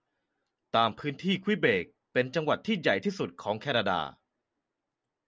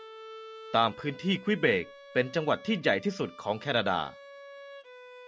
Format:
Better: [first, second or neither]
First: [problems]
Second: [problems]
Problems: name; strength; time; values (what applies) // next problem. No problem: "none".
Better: first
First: none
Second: background sound (Bowed string instrument); 17 dB below the speech